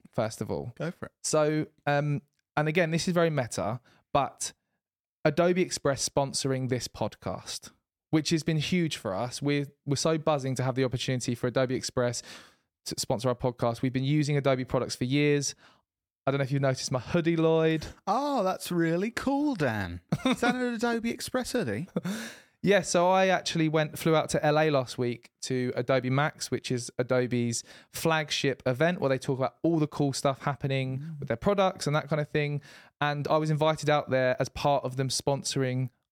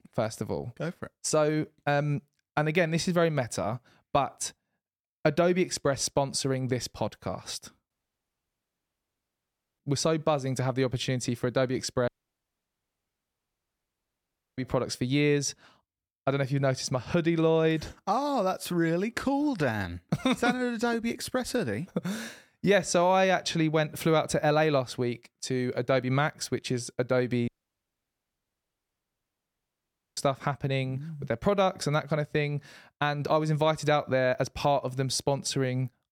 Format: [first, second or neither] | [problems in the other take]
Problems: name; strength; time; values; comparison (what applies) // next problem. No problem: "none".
first | audio cutting out; at 8 s for 2 s, at 12 s for 2.5 s and at 27 s for 2.5 s